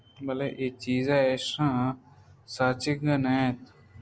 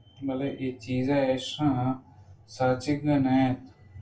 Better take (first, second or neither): first